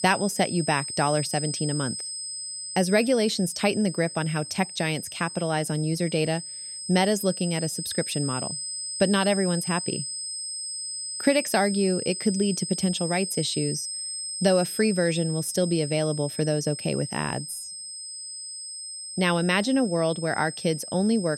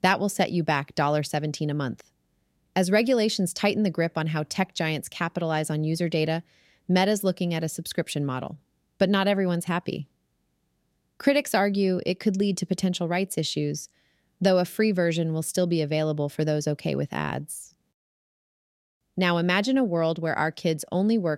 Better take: second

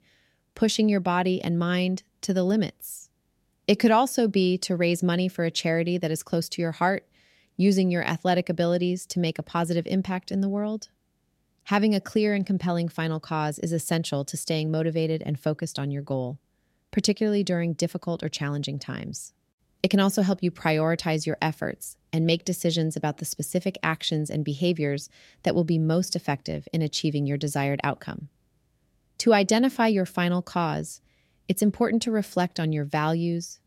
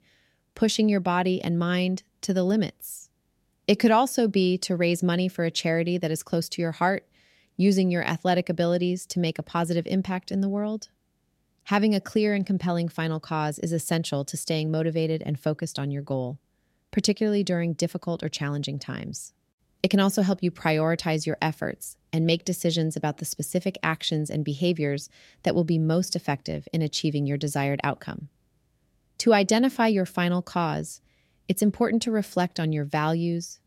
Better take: neither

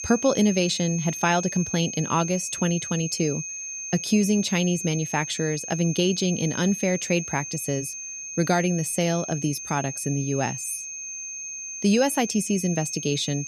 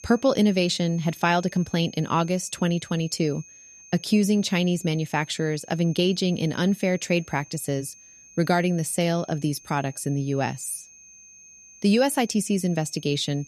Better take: second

